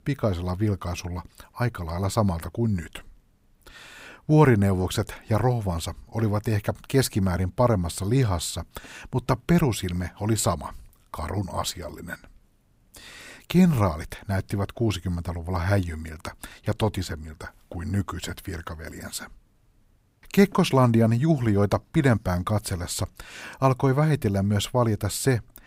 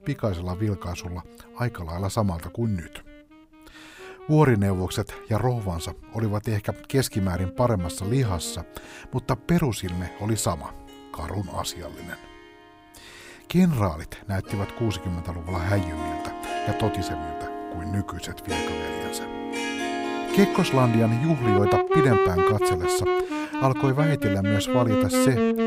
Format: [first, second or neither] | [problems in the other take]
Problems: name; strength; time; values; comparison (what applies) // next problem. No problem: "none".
first | background music; loud; throughout; 1 dB below the speech